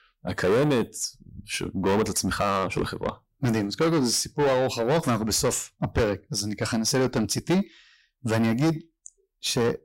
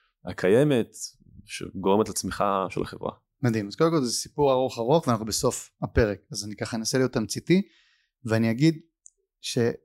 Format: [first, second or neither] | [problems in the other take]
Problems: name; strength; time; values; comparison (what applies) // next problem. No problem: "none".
second | distortion; heavy; 7 dB below the speech